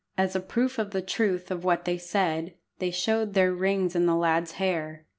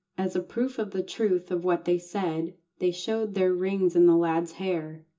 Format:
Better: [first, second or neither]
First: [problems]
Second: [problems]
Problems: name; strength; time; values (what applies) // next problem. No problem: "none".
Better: first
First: none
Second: room echo; dies away in 0.2 s